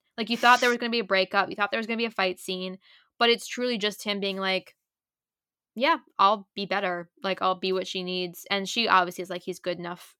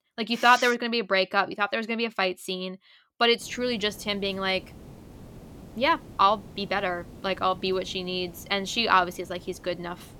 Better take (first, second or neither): first